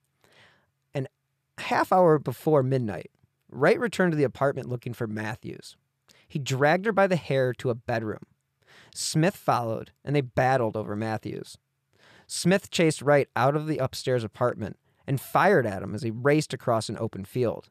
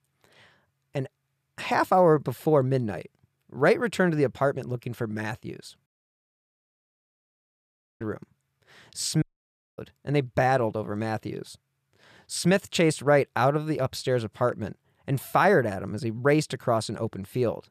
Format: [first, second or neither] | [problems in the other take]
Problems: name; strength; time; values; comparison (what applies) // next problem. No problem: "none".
first | audio cutting out; at 6 s for 2 s and at 9 s for 0.5 s